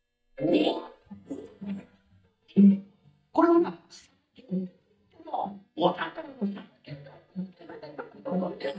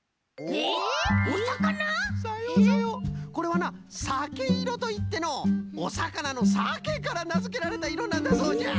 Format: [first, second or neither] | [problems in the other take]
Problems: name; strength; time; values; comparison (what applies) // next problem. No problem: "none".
second | noise reduction (neural mask model DeepFilterNet 3)